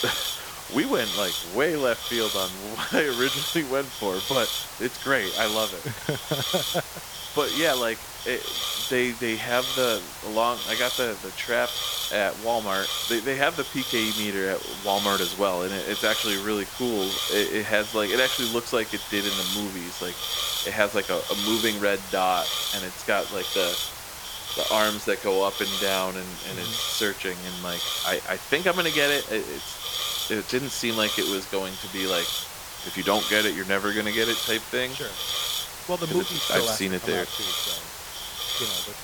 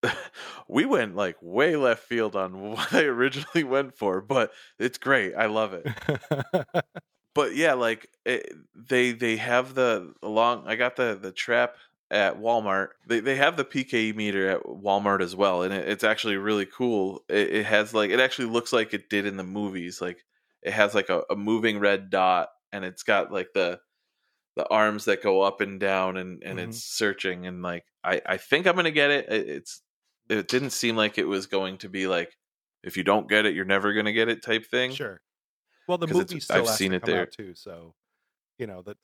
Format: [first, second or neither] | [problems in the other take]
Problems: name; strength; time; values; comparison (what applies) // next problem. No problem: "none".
second | hiss; loud; throughout; 2 dB below the speech